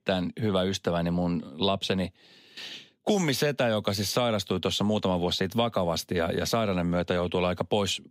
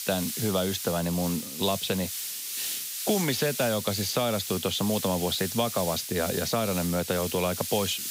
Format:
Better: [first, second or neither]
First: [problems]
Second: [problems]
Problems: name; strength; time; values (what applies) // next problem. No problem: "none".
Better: first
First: none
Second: hiss; loud; throughout; 4 dB below the speech